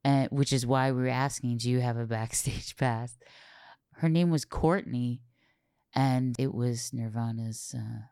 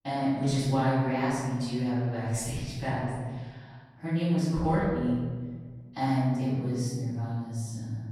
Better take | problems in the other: first | off-mic speech; far // room echo; strong; dies away in 1.6 s

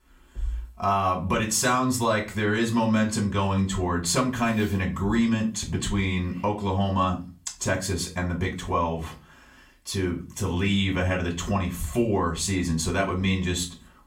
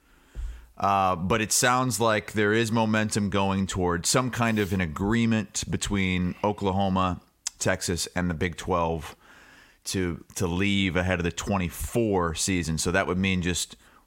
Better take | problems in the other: second | off-mic speech; far // room echo; very slight; dies away in 0.3 s

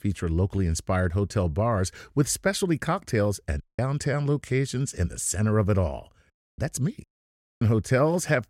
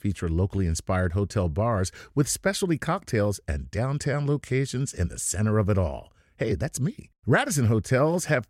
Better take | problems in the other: second | audio cutting out; at 3.5 s, at 6.5 s and at 7 s for 0.5 s

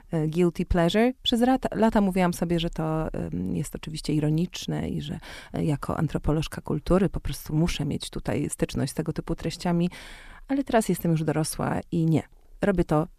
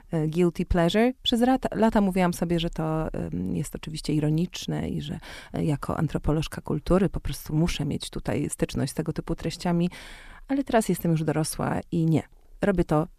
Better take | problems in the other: neither | none

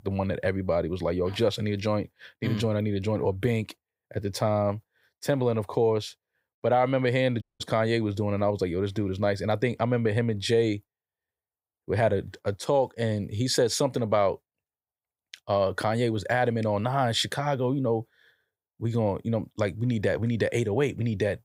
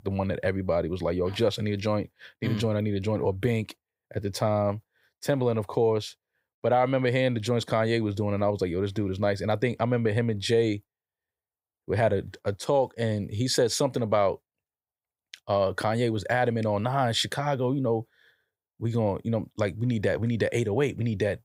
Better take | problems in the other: second | audio cutting out; at 7.5 s

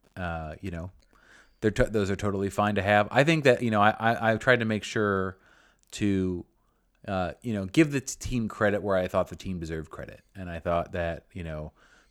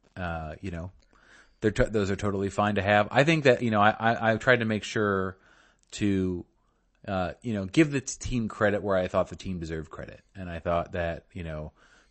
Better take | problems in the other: first | garbled, watery; slightly; nothing above 8 kHz

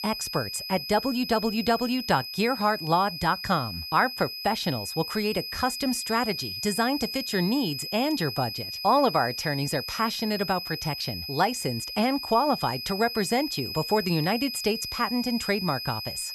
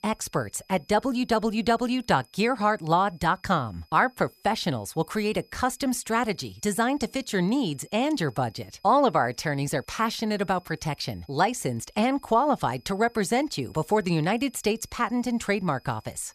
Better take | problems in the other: second | high-pitched whine; loud; throughout; 5 kHz, 6 dB below the speech; faint in the second

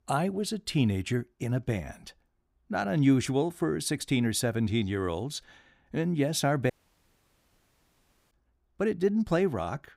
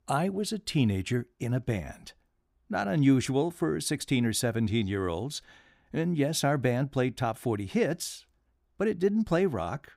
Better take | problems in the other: second | audio cutting out; at 6.5 s for 1.5 s

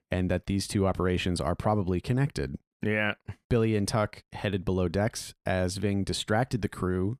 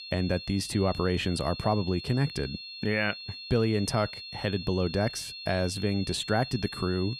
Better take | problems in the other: first | high-pitched whine; loud; throughout; 4.5 kHz, 10 dB below the speech

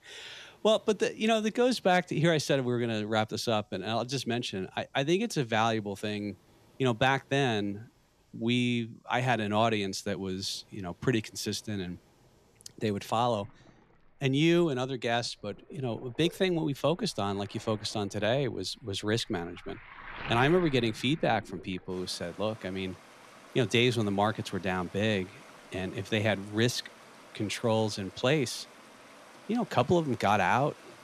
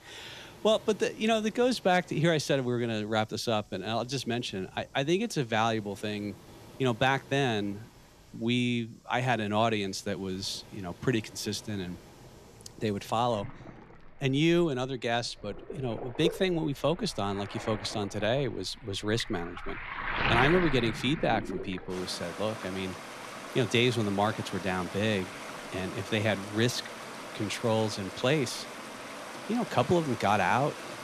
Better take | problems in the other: first | rain or running water; loud; throughout; 9 dB below the speech; faint in the first

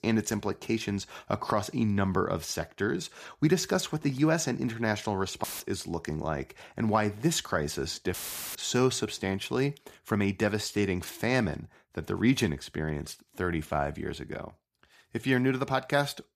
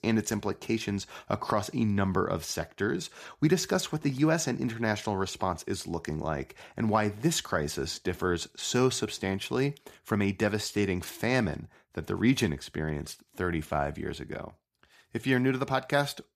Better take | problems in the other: second | audio cutting out; filled with static; at 5.5 s and at 8 s

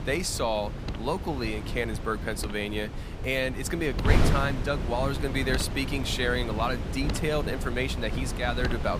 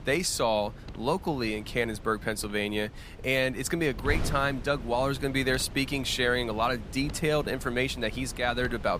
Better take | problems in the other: second | wind noise on the microphone; heavy; 8 dB below the speech; occasional gusts in the second

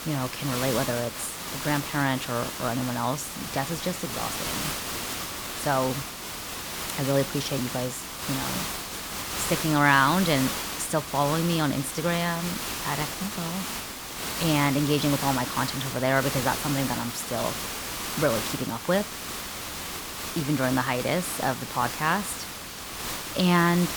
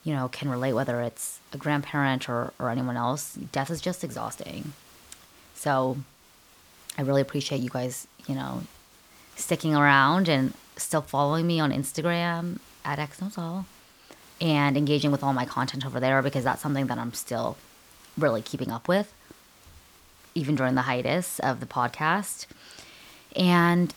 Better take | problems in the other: second | hiss; loud; throughout; 4 dB below the speech; faint in the second

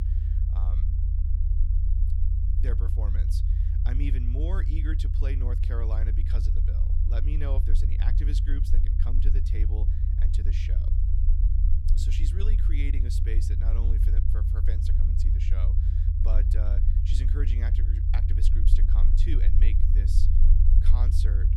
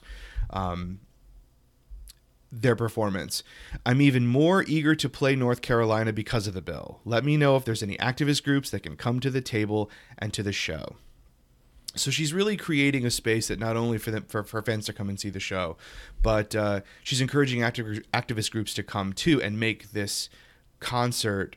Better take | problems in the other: second | low rumble; loud; throughout; 1 dB below the speech

